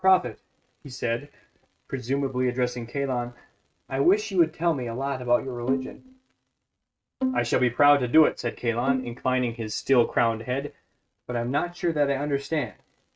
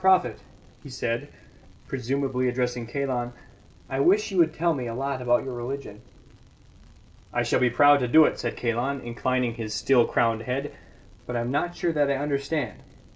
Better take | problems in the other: second | noise reduction (neural mask model RNNoise)

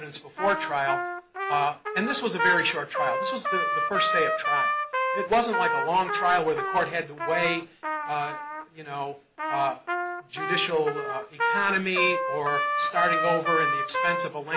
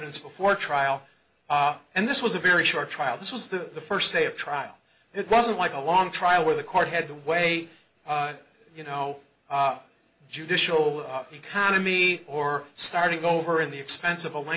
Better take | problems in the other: second | background sound (Trumpet); as loud as the speech

